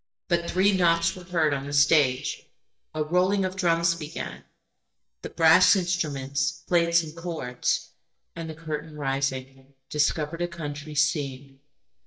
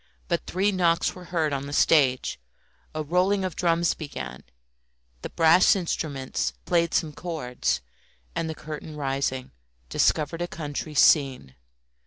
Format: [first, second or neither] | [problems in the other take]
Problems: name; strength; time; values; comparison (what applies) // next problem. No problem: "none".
second | noise reduction (neural mask model DeepFilterNet 3)